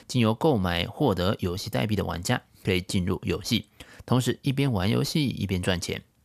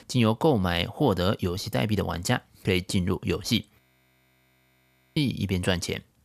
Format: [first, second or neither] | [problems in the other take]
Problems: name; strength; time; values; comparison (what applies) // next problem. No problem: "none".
first | audio freezing; at 4 s for 1.5 s